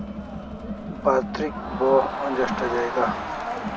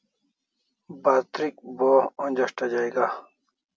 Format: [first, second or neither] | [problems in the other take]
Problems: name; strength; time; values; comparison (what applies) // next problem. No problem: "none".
second | background sound (Crowd); 4 dB below the speech